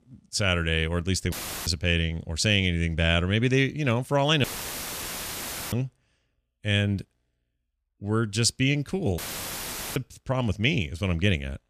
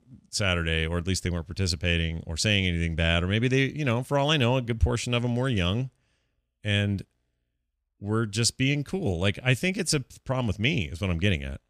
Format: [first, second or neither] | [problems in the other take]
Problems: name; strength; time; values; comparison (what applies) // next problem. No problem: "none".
second | audio cutting out; filled with static; at 1.5 s, at 4.5 s for 1.5 s and at 9 s for 1 s